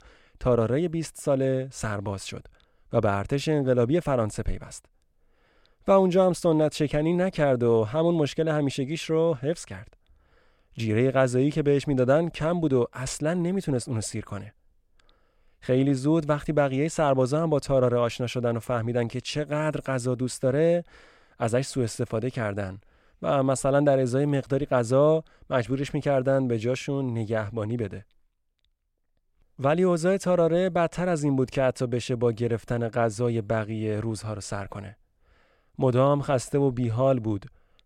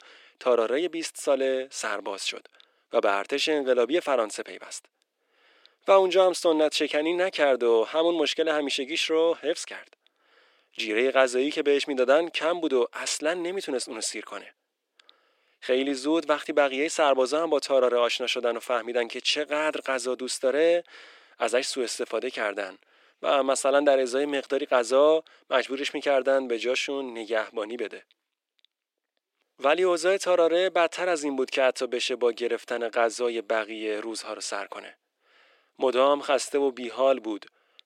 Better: first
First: none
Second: thin; somewhat; fading below 300 Hz

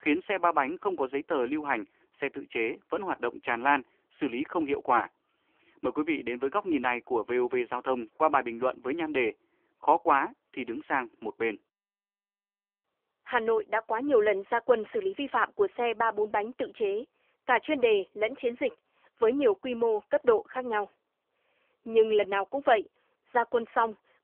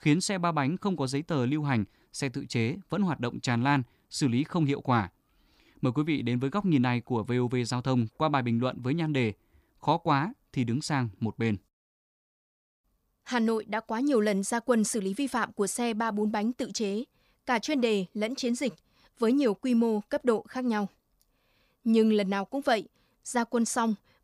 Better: second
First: phone-call audio; poor line; nothing above 3 kHz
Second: none

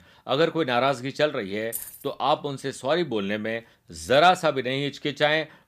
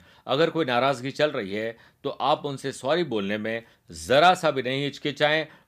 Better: second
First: jangling keys; noticeable; at 1.5 s; peak 9 dB below the speech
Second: none

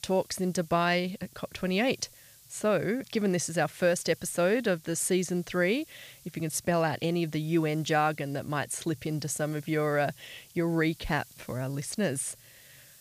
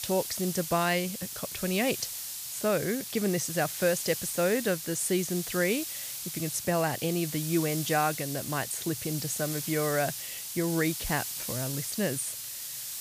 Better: first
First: hiss; faint; throughout; 25 dB below the speech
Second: hiss; loud; throughout; 4 dB below the speech

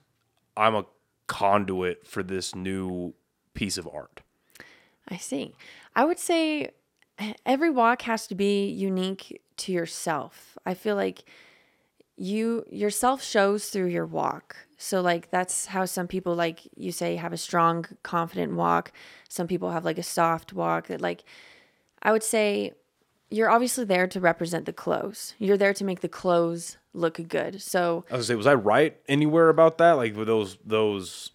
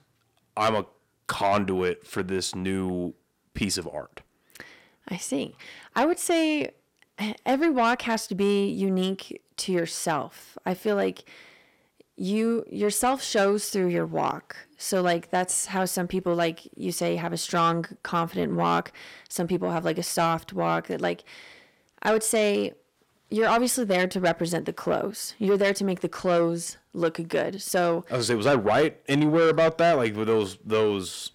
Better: first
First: none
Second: distortion; slight; 10 dB below the speech

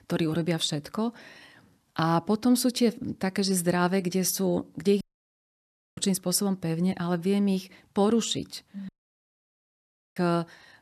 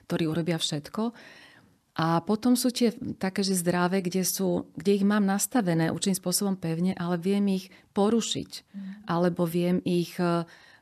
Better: second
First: audio cutting out; at 5 s for 1 s and at 9 s for 1.5 s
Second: none

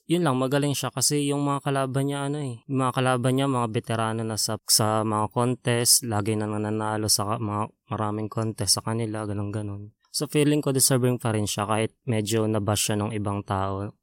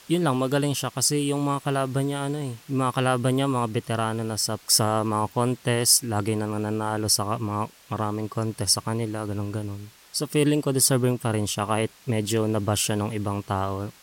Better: first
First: none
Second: hiss; faint; throughout; 25 dB below the speech

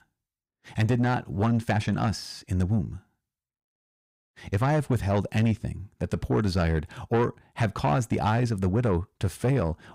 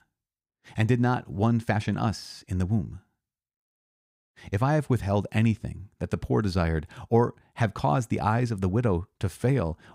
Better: second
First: distortion; slight; 10 dB below the speech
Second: none

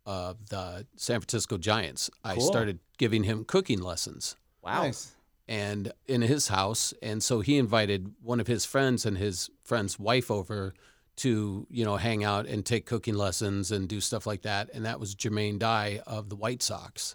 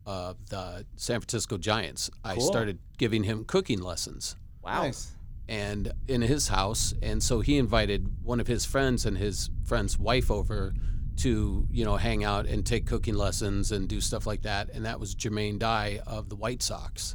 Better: first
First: none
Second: low rumble; faint; throughout; 25 dB below the speech

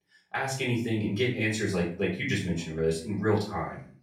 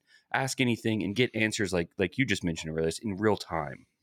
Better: second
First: off-mic speech; far // room echo; slight; dies away in 0.4 s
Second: none

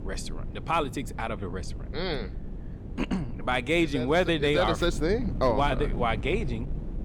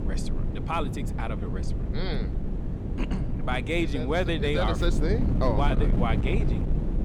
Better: first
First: wind noise on the microphone; occasional gusts; 20 dB below the speech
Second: wind noise on the microphone; heavy; 8 dB below the speech

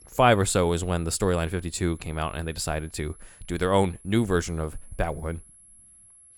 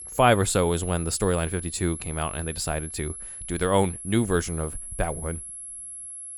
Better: first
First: high-pitched whine; faint; throughout; 11 kHz, 25 dB below the speech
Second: high-pitched whine; loud; throughout; 11 kHz, 9 dB below the speech

